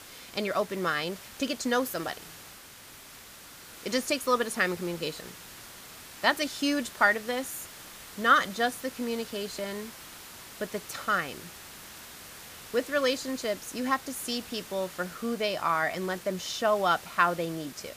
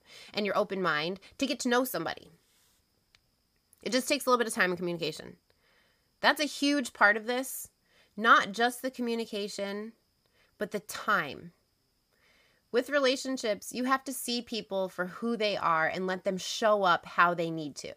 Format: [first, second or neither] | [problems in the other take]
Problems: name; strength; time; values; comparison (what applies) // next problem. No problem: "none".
second | hiss; noticeable; throughout; 15 dB below the speech